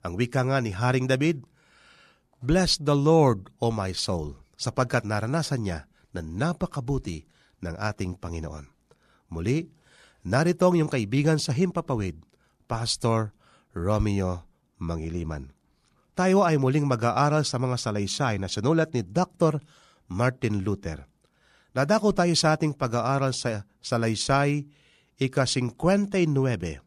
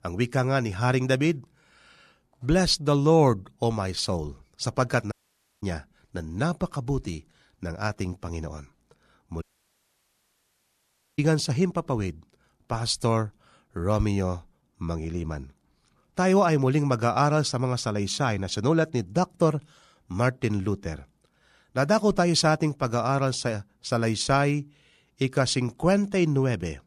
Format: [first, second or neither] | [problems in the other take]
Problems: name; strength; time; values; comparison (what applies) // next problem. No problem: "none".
first | audio cutting out; at 5 s for 0.5 s and at 9.5 s for 2 s